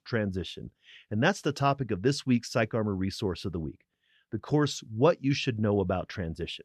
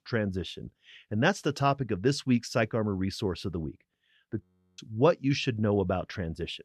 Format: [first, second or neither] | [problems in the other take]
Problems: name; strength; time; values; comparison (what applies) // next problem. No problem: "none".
first | audio freezing; at 4.5 s